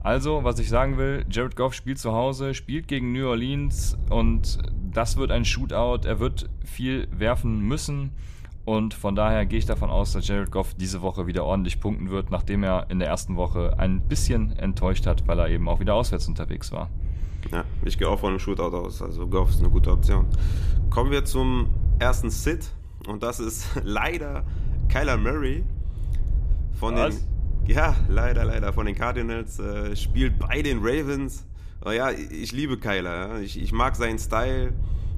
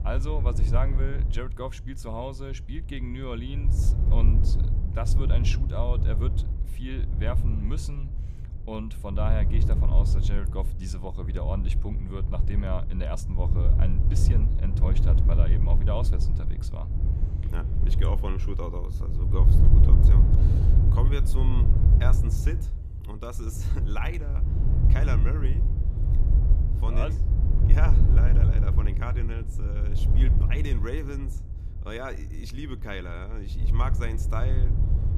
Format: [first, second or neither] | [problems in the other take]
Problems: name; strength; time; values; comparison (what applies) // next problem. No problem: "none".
first | wind noise on the microphone; heavy; 3 dB below the speech; occasional gusts in the first